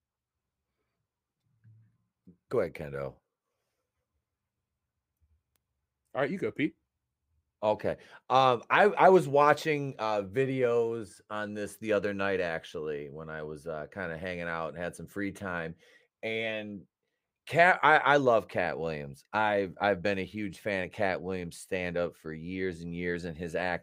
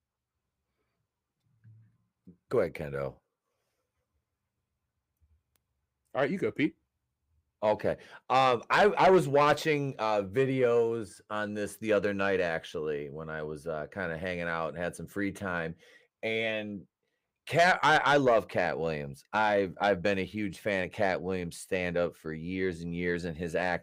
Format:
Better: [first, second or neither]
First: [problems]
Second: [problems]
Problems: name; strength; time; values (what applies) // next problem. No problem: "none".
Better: first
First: none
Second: distortion; slight; 10 dB below the speech